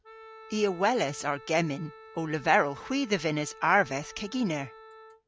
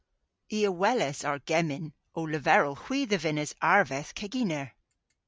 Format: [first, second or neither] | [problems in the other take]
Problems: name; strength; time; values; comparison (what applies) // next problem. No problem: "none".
second | background sound (Wind instrument, woodwind instrument); 20 dB below the speech